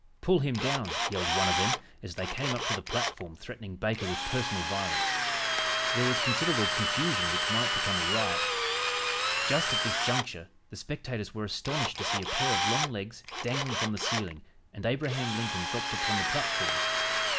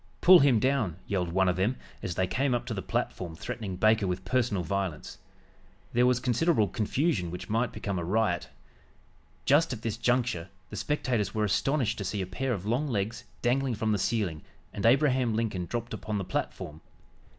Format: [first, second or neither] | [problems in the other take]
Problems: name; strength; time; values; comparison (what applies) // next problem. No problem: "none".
second | background sound (Drill); 3 dB above the speech